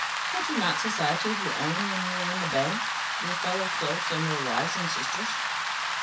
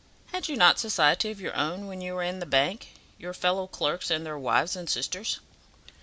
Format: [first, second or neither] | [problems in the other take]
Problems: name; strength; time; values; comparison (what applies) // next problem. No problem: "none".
second | background sound (Rain); 3 dB above the speech // room echo; dies away in 0.3 s